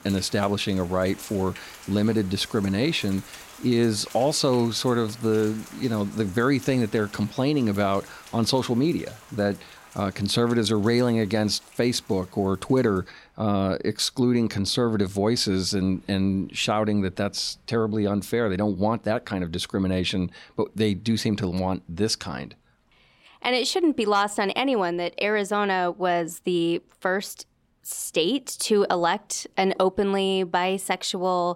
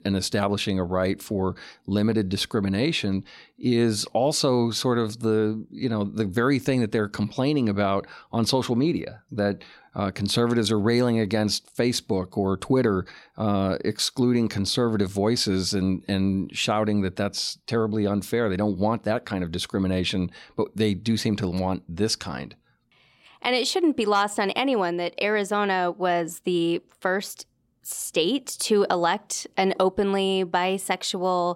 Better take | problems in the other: second | rain or running water; faint; throughout; 20 dB below the speech

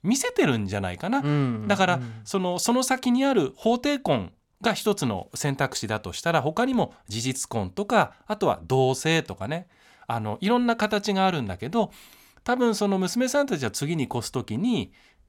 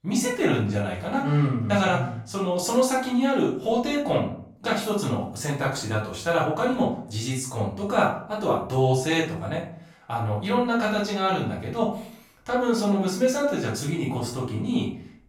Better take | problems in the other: first | off-mic speech; far // room echo; noticeable; dies away in 0.4 s

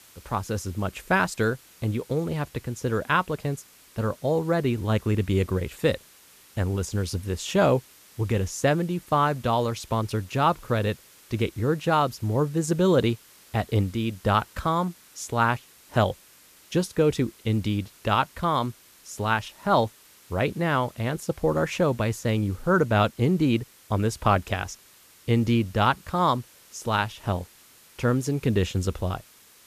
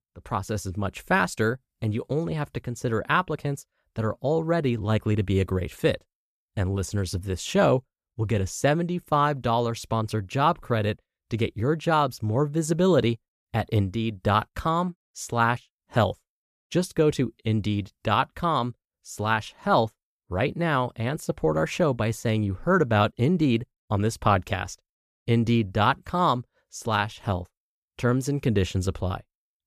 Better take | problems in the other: second | hiss; faint; throughout; 25 dB below the speech

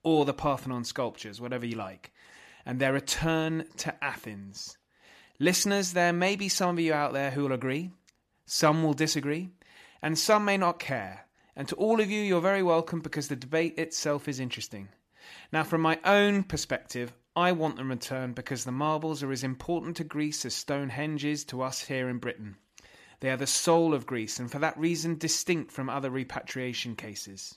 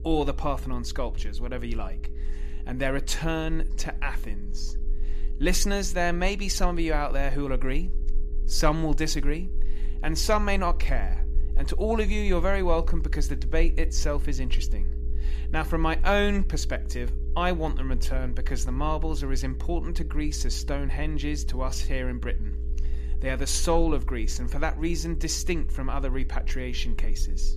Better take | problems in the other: first | low rumble; noticeable; throughout; 20 dB below the speech

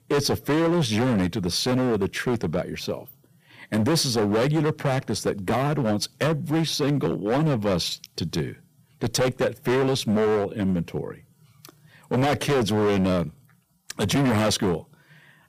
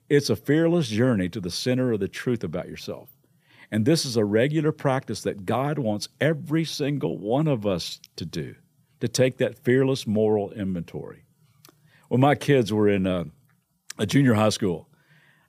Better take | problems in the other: second | distortion; heavy; 17% of the sound clipped

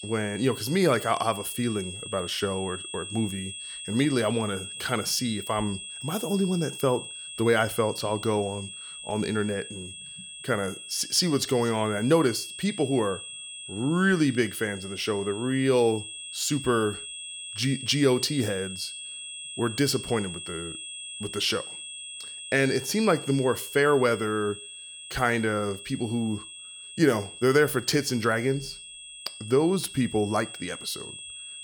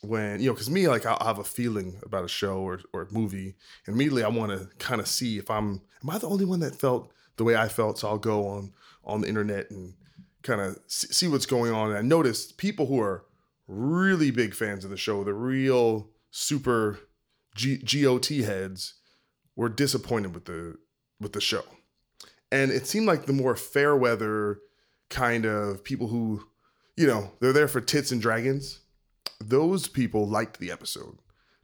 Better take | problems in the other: second | high-pitched whine; noticeable; throughout; 3.5 kHz, 10 dB below the speech

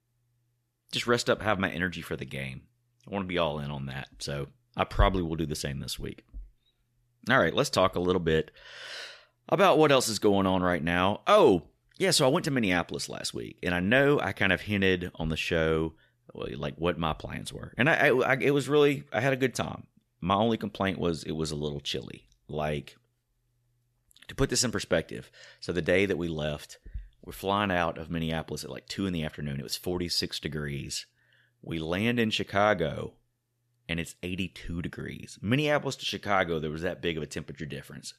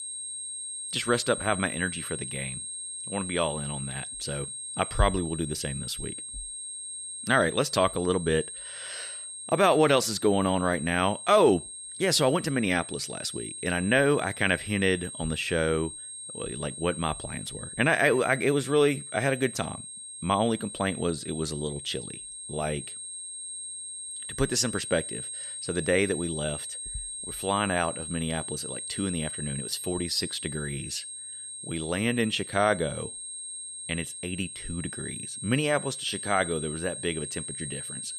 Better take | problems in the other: first | high-pitched whine; loud; throughout; 8.5 kHz, 8 dB below the speech

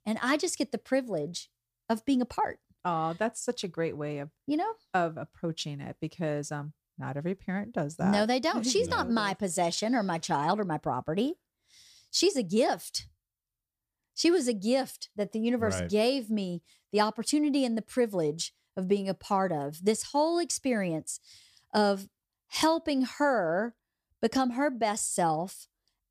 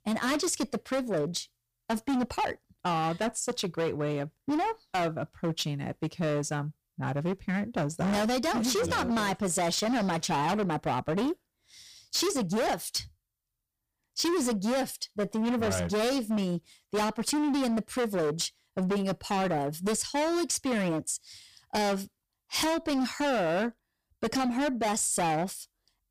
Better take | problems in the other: first | distortion; heavy; 23% of the sound clipped

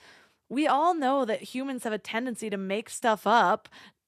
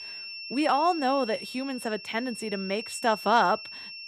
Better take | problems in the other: first | high-pitched whine; noticeable; throughout; 5.5 kHz, 10 dB below the speech

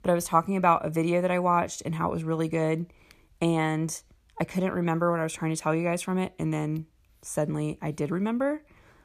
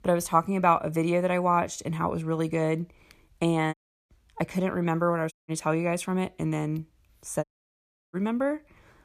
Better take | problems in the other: first | audio cutting out; at 3.5 s, at 5.5 s and at 7.5 s for 0.5 s

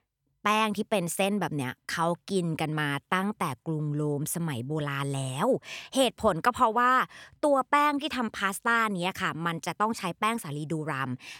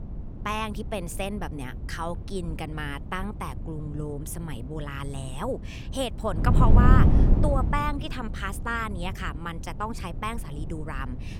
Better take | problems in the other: first | wind noise on the microphone; heavy; 7 dB below the speech

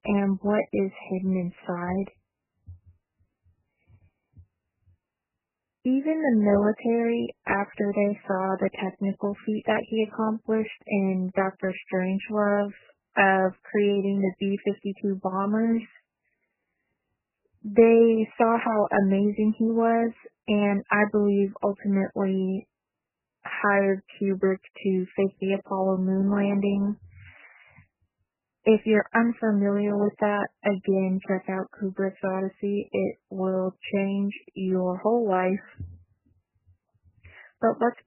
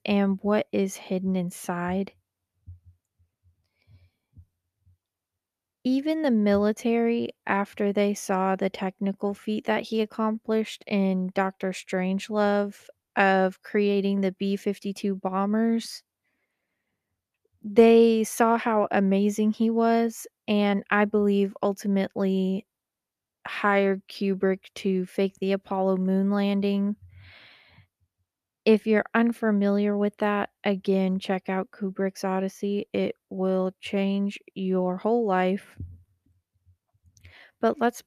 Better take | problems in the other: second | garbled, watery; badly; nothing above 3 kHz

